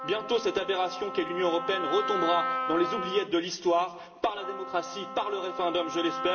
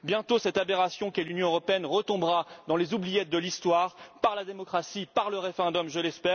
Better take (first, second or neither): second